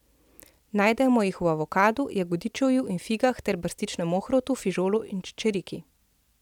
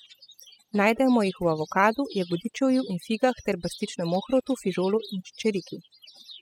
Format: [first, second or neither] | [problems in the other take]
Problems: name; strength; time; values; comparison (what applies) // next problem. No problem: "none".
first | noise reduction (classical method spectral subtraction)